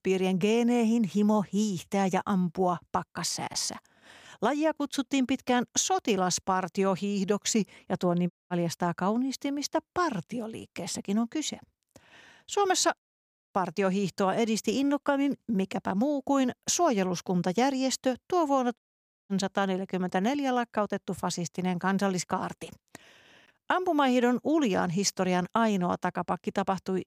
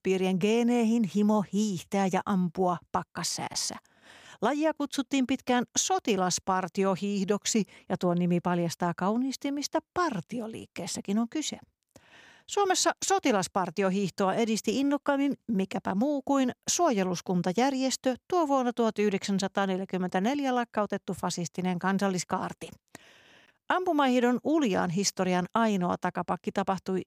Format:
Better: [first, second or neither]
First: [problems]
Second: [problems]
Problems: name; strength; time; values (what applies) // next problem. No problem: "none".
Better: second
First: audio cutting out; at 8.5 s, at 13 s for 0.5 s and at 19 s for 0.5 s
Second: none